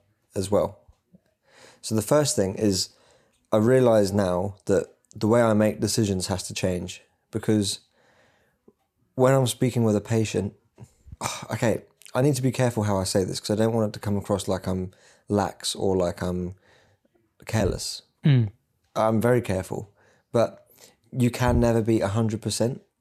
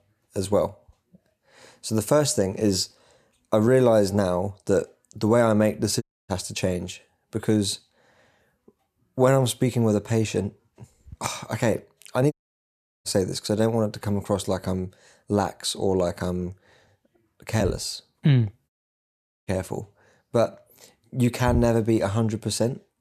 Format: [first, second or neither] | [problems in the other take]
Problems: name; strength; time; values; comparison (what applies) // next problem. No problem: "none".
first | audio cutting out; at 6 s, at 12 s for 0.5 s and at 19 s for 1 s